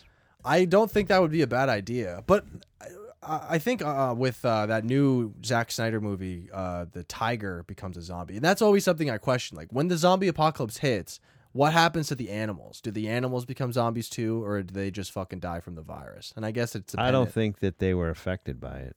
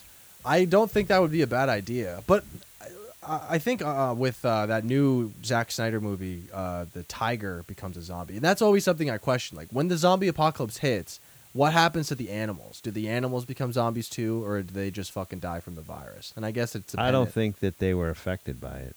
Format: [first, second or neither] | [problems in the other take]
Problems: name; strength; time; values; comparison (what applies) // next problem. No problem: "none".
first | hiss; faint; throughout; 25 dB below the speech